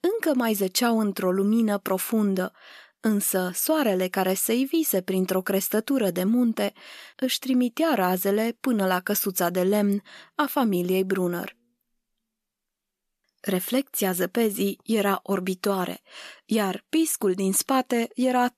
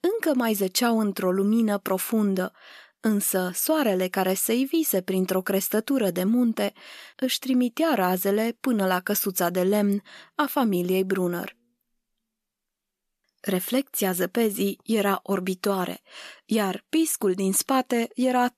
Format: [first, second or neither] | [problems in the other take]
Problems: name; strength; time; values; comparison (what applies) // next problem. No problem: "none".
neither | none